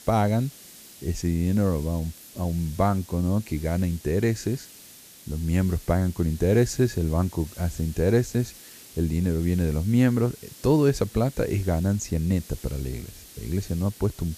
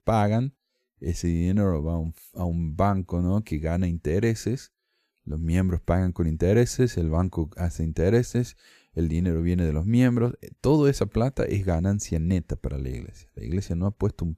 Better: second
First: hiss; noticeable; throughout; 20 dB below the speech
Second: none

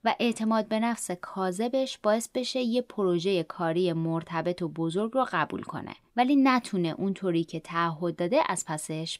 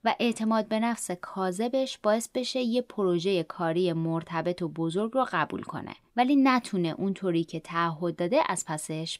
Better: neither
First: none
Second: none

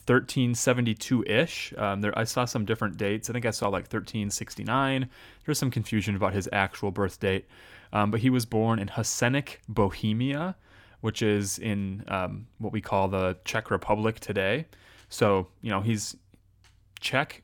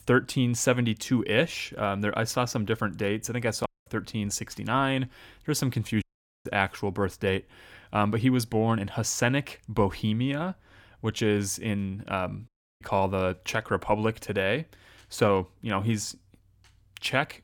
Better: first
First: none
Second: audio cutting out; at 3.5 s, at 6 s and at 12 s

